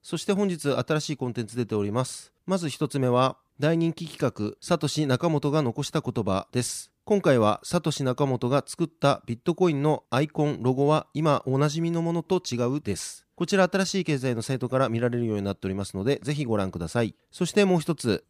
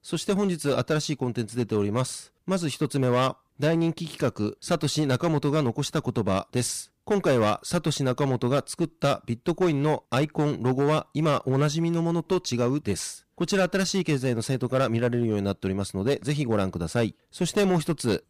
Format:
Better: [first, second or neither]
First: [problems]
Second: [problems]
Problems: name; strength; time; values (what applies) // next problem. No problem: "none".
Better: first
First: none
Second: distortion; slight; 8% of the sound clipped